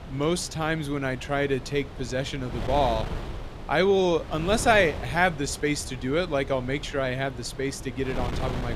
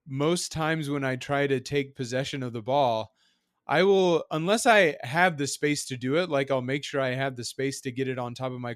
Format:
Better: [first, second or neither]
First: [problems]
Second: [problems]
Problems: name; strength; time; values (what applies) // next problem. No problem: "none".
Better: second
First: wind noise on the microphone; occasional gusts; 15 dB below the speech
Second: none